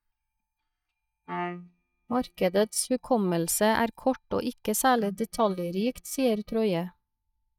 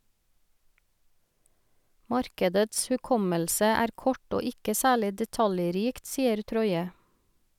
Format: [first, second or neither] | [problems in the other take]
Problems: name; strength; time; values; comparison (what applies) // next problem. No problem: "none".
second | noise reduction (neural mask model DeepFilterNet 3)